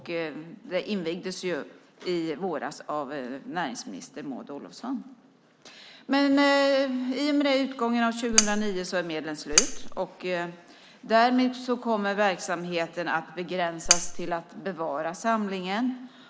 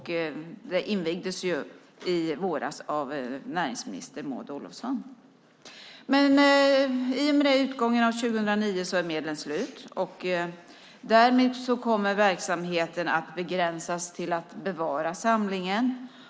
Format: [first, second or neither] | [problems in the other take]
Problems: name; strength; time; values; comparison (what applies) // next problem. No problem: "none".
second | background sound (Cutlery, silverware); 4 dB above the speech